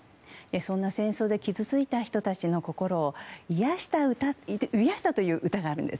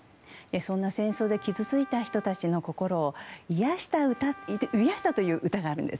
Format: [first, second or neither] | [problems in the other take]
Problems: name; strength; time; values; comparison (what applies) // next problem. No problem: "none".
first | background sound (Wind instrument, woodwind instrument); 20 dB below the speech